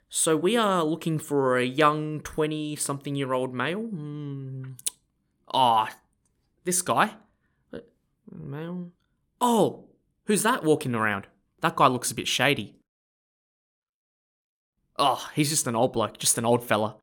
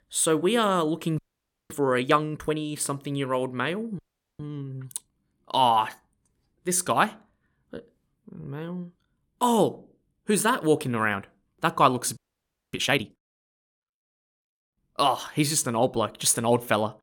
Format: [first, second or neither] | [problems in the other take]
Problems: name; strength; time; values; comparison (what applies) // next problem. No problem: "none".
first | audio freezing; at 1 s for 0.5 s, at 4 s and at 12 s for 0.5 s